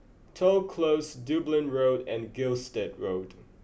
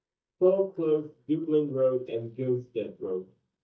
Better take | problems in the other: first | noise reduction (neural mask model DeepFilterNet 3)

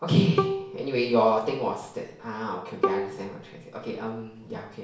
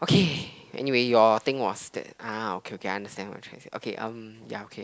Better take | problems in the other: second | background sound (Bowed string instrument); 6 dB below the speech // room echo; dies away in 0.6 s

